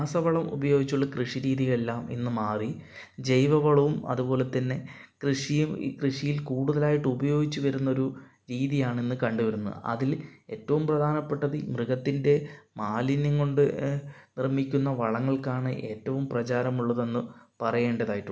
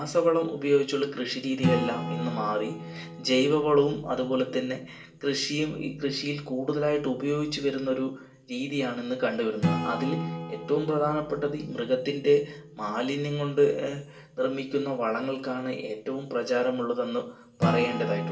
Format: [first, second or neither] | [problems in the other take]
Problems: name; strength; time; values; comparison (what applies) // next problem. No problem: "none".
first | background sound (Acoustic guitar / Strum); 9 dB below the speech // room echo; dies away in 0.2 s